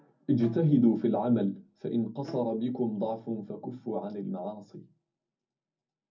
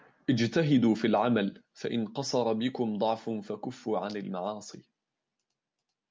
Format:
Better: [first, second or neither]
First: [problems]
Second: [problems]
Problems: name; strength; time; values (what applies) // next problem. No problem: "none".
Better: second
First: background sound (Bowed string instrument); 20 dB below the speech // room echo; dies away in 0.4 s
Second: none